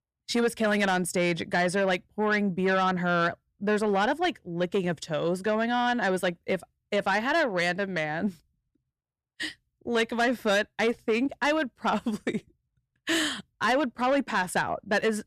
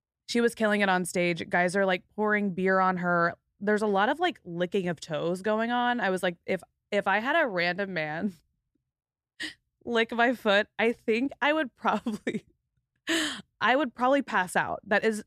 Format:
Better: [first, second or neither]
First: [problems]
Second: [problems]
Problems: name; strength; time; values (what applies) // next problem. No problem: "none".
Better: second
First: distortion; slight; 10 dB below the speech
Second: none